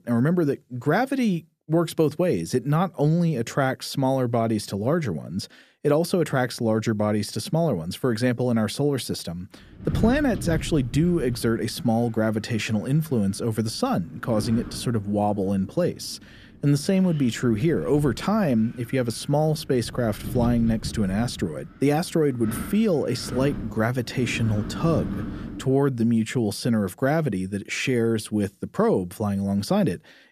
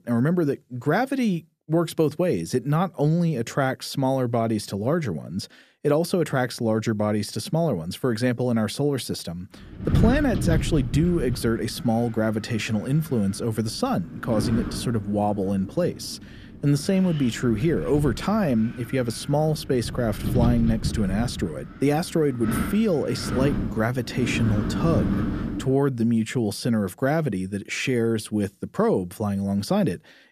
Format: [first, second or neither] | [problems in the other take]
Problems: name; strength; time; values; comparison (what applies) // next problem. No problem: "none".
first | wind noise on the microphone; heavy; from 9.5 to 26 s; 10 dB below the speech; occasional gusts in the first